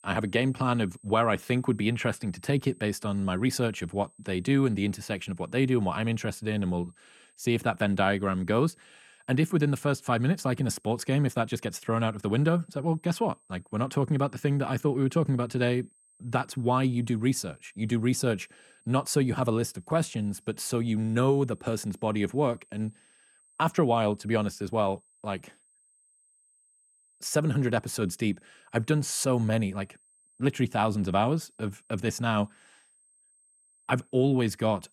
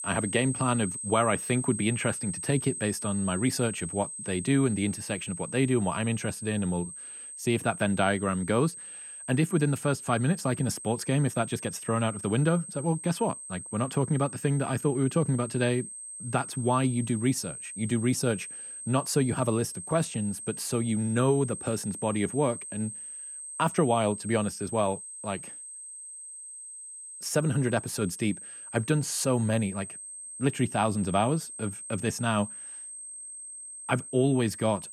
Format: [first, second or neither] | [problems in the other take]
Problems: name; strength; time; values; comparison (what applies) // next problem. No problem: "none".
first | high-pitched whine; loud; throughout; 8.5 kHz, 9 dB below the speech; faint in the first